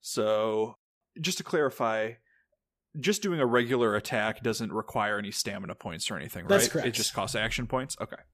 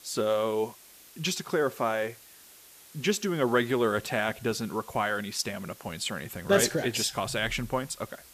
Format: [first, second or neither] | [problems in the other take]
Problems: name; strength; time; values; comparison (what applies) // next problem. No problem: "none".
first | hiss; faint; throughout; 20 dB below the speech